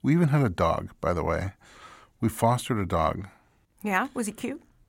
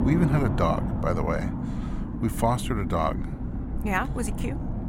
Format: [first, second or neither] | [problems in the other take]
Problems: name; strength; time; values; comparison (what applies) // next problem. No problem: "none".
first | low rumble; loud; throughout; 9 dB below the speech